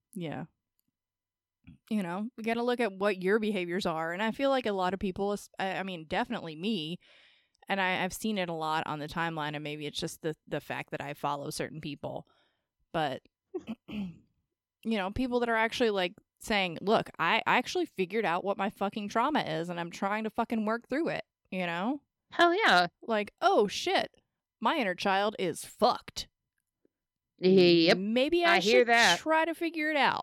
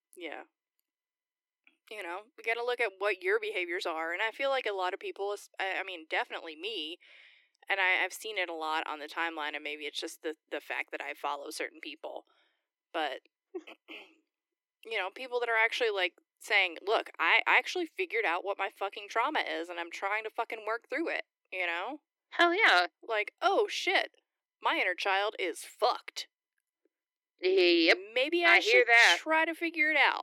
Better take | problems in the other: first | thin; very; fading below 300 Hz

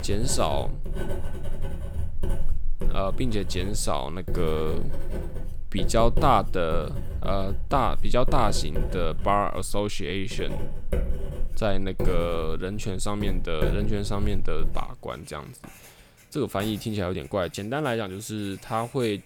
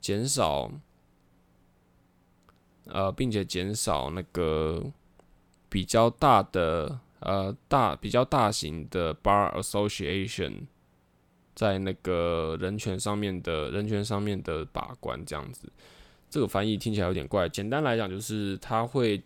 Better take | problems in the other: second | household noises; loud; throughout; 6 dB below the speech

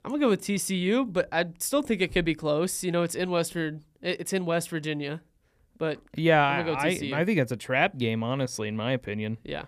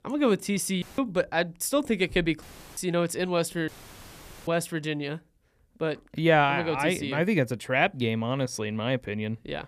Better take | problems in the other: first | audio cutting out; filled with static; at 1 s, at 2.5 s and at 3.5 s for 1 s

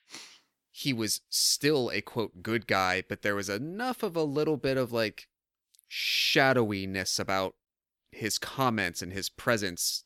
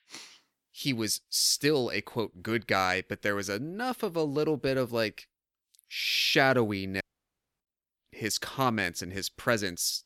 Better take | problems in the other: first | audio cutting out; at 7 s for 0.5 s

